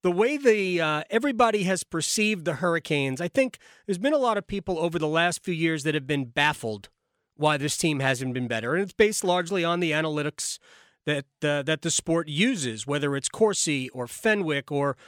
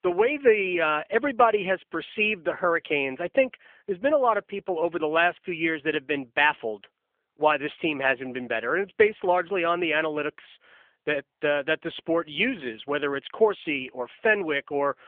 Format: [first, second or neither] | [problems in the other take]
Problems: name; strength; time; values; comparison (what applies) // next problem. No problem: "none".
first | phone-call audio